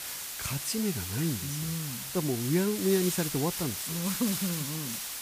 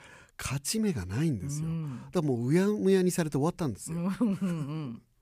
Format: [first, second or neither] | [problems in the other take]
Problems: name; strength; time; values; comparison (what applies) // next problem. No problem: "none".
second | hiss; loud; throughout; 2 dB below the speech